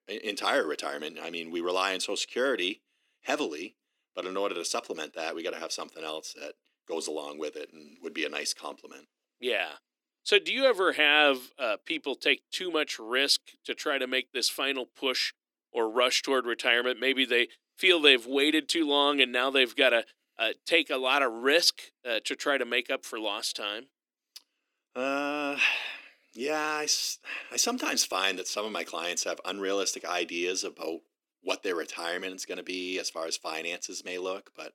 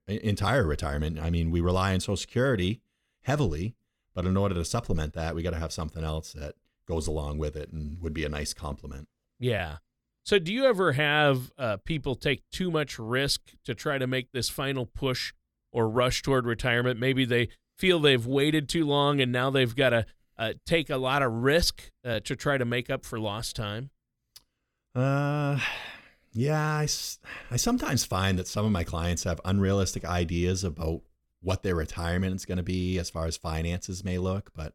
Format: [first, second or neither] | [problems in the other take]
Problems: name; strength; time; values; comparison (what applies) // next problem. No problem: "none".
second | thin; somewhat; fading below 300 Hz